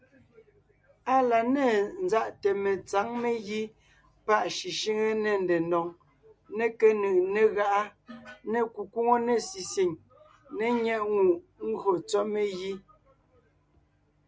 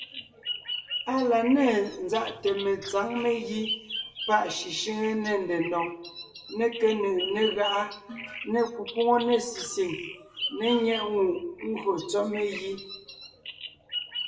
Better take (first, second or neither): first